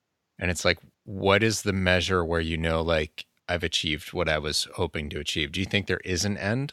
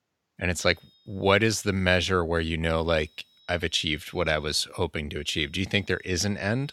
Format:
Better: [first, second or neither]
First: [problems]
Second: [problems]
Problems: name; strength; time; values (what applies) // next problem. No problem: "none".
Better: first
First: none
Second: high-pitched whine; faint; from 0.5 to 2 s, from 3 to 4.5 s and from 5 s on; 4 kHz, 35 dB below the speech